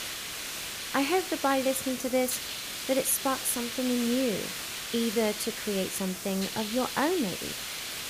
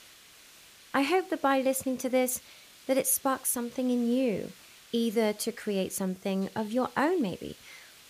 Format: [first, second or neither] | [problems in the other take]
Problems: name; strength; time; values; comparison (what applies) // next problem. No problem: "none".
second | hiss; loud; throughout; 5 dB below the speech; faint in the second